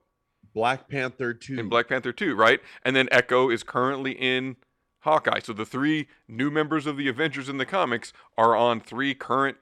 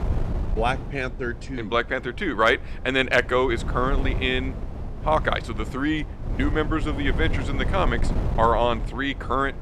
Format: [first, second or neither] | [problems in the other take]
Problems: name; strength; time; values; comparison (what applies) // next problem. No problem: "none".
first | wind noise on the microphone; occasional gusts; 15 dB below the speech